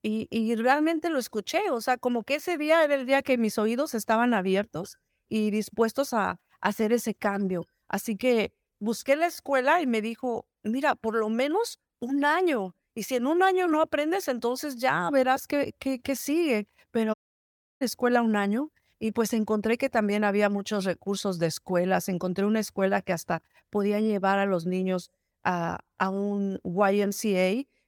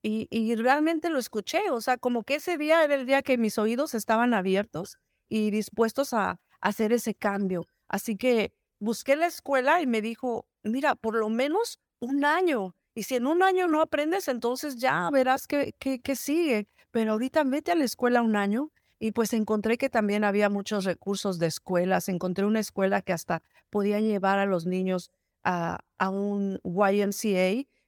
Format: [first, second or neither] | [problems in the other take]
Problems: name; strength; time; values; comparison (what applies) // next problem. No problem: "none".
second | audio cutting out; at 17 s for 0.5 s